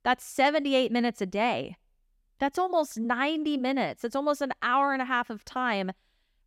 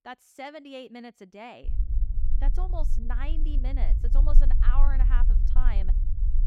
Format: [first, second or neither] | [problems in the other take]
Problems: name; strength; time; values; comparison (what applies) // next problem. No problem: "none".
first | low rumble; loud; from 1.5 s on; 10 dB below the speech